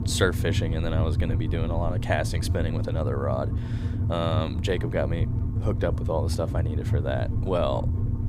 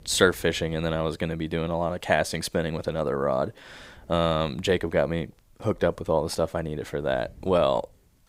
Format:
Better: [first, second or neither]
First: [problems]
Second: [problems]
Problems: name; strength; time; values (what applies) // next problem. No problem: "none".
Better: second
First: low rumble; loud; throughout; 10 dB below the speech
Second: none